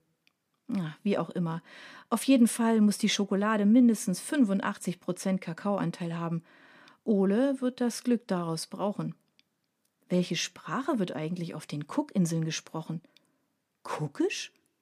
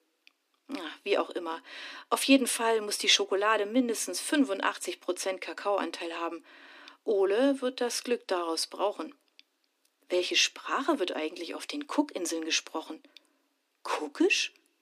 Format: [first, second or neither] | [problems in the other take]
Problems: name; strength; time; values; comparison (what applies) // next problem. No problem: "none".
first | thin; somewhat; fading below 300 Hz